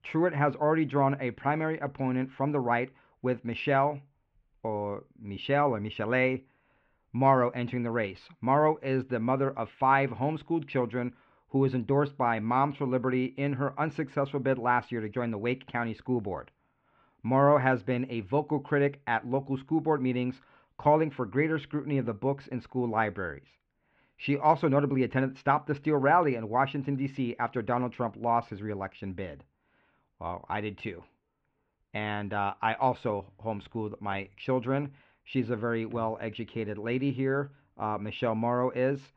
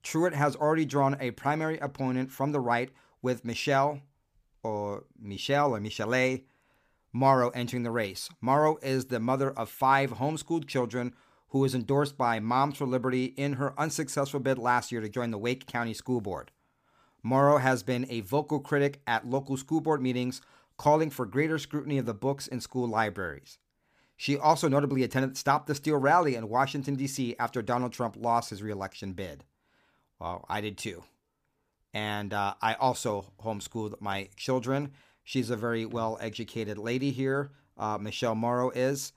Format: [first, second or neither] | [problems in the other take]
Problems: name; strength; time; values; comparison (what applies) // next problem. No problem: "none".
second | muffled; very; fading above 2.5 kHz